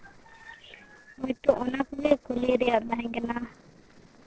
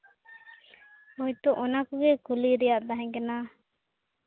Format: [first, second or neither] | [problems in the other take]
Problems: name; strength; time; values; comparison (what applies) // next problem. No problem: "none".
second | noise reduction (neural separator model SepFormer DNS4)